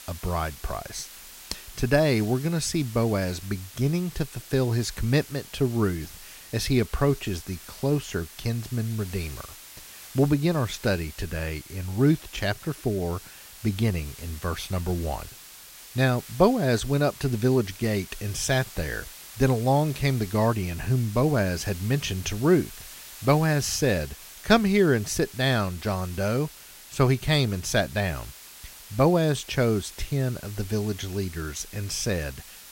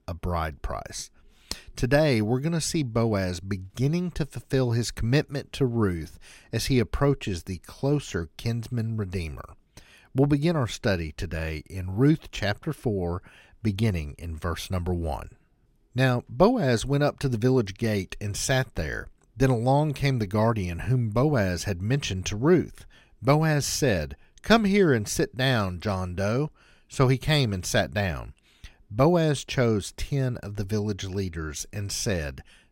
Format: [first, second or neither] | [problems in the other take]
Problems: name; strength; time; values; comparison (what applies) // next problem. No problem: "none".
second | hiss; noticeable; throughout; 15 dB below the speech